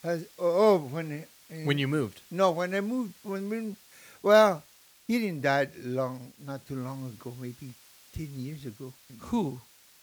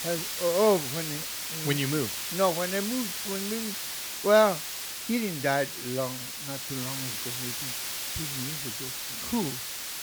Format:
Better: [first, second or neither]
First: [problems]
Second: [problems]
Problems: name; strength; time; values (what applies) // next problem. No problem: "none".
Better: first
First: hiss; faint; throughout; 25 dB below the speech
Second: hiss; loud; throughout; 3 dB below the speech